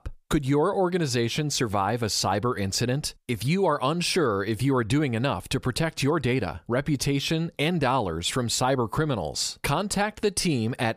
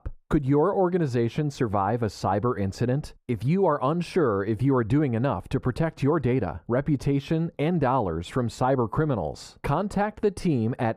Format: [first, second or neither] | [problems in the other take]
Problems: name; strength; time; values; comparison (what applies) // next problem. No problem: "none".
first | muffled; very; fading above 2 kHz